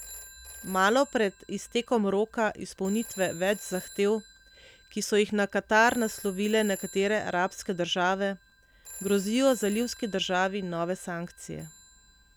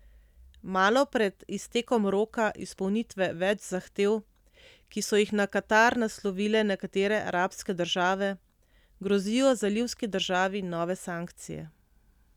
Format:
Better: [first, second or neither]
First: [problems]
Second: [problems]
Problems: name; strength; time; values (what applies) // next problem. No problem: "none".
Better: second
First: background sound (Telephone); 19 dB below the speech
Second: none